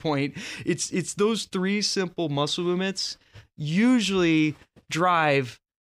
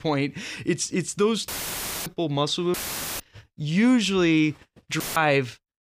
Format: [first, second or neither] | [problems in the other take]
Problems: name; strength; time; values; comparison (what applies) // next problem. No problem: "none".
first | audio cutting out; filled with static; at 1.5 s for 0.5 s, at 2.5 s and at 5 s